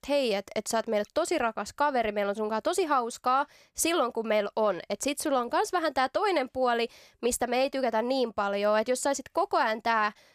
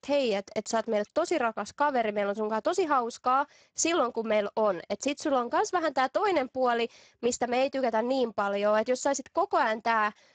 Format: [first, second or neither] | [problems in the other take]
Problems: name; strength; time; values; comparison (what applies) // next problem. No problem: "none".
first | garbled, watery; badly; nothing above 7.5 kHz